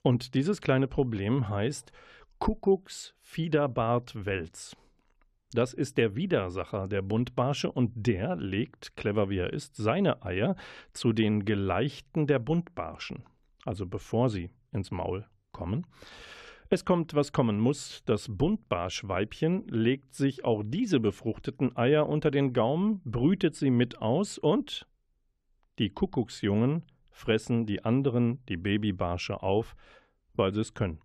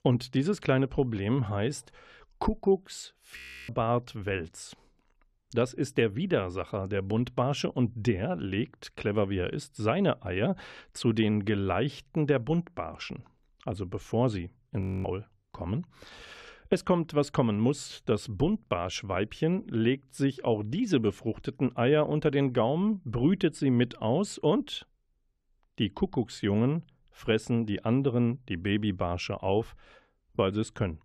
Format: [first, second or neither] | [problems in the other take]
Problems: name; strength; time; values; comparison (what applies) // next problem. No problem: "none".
first | audio freezing; at 3.5 s and at 15 s